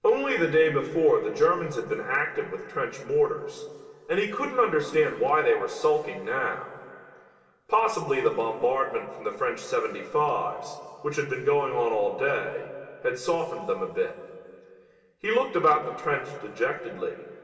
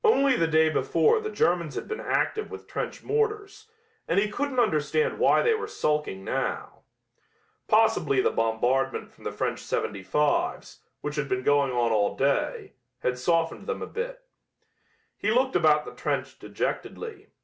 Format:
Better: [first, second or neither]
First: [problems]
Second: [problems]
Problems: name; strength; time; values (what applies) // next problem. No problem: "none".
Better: second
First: room echo; dies away in 2.5 s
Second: none